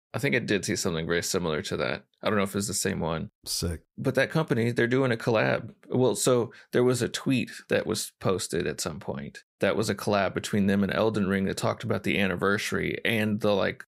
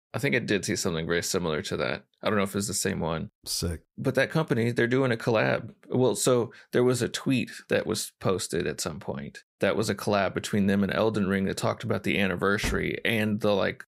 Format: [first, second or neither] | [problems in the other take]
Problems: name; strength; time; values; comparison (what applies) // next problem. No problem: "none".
first | door banging; noticeable; at 13 s; peak 9 dB below the speech